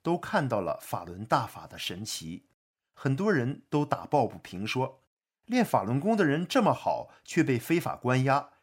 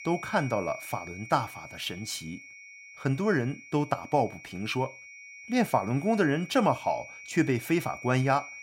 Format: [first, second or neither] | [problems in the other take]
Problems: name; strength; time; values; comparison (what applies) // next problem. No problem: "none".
first | high-pitched whine; noticeable; throughout; 2.5 kHz, 15 dB below the speech